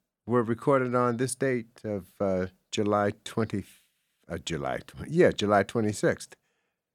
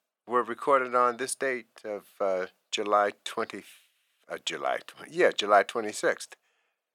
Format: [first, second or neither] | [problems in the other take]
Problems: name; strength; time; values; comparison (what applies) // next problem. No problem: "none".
first | thin; very; fading below 450 Hz